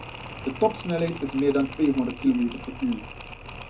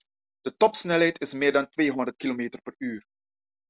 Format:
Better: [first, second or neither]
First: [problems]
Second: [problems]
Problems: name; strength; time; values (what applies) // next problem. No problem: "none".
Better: second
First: background sound (Mechanisms); 13 dB below the speech // room echo; dies away in 0.3 s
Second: none